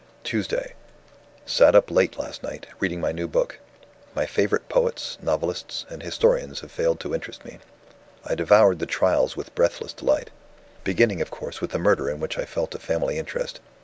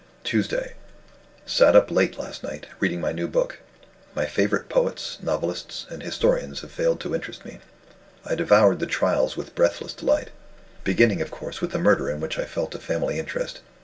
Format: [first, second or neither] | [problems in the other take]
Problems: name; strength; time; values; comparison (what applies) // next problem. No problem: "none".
first | room echo; dies away in 0.2 s